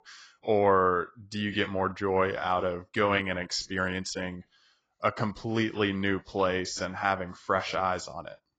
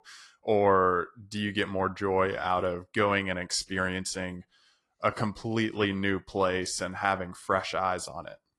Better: second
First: garbled, watery; badly; nothing above 7.5 kHz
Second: garbled, watery; slightly

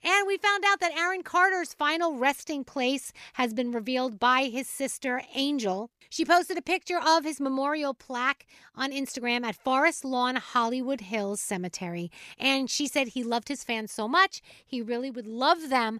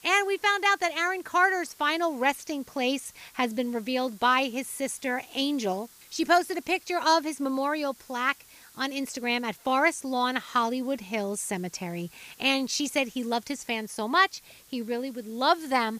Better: first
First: none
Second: hiss; faint; throughout; 25 dB below the speech

